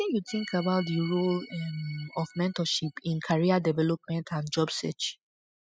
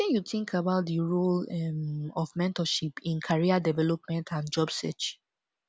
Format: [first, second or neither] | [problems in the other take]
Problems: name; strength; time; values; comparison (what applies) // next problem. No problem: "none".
second | noise reduction (classical method spectral subtraction)